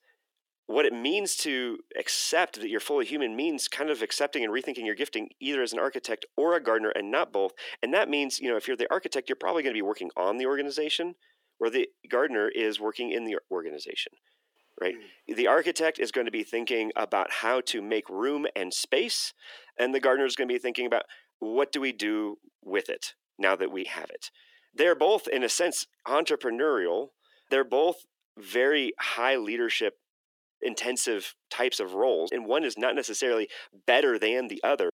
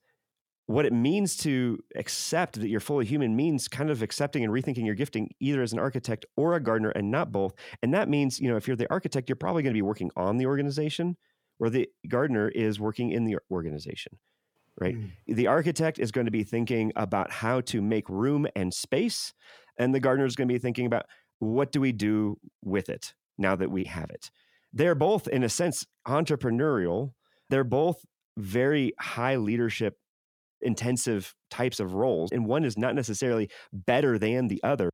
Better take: second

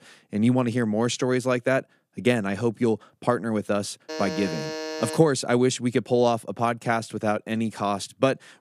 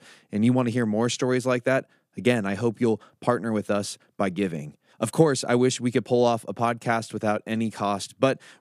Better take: second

